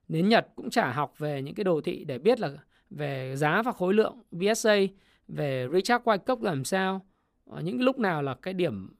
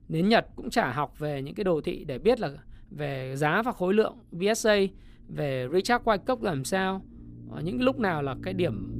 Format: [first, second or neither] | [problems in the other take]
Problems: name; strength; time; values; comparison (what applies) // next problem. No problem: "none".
first | low rumble; faint; throughout; 25 dB below the speech